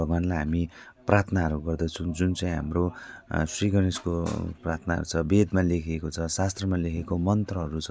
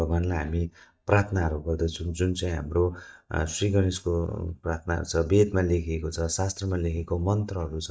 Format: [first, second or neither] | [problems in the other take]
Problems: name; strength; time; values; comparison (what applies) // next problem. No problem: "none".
first | noise reduction (neural mask model DeepFilterNet 3)